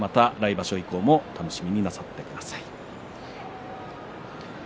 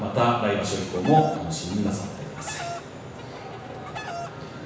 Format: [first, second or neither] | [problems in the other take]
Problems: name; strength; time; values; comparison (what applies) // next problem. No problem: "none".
first | background sound (Chicken, rooster); 13 dB below the speech // room echo; dies away in 1.1 s